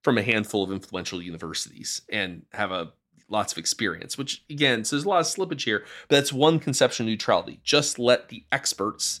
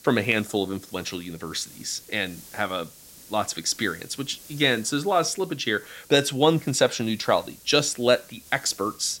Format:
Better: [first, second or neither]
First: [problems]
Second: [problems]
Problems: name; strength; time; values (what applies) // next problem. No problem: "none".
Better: first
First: none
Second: hiss; faint; throughout; 20 dB below the speech